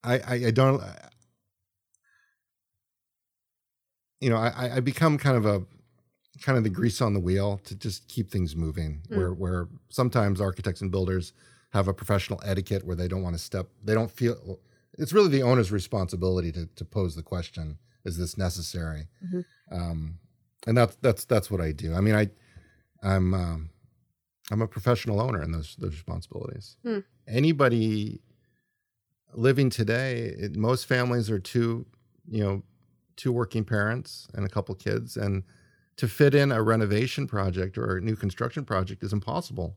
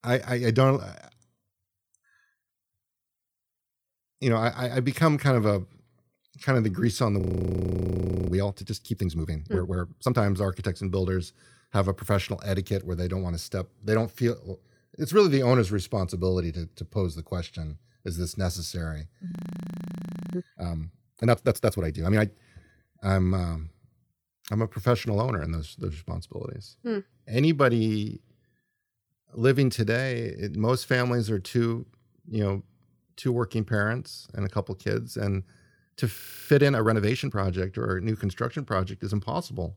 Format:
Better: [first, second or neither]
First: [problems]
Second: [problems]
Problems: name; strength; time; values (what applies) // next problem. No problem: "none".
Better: first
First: none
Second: audio freezing; at 7 s for 1 s, at 19 s for 1 s and at 36 s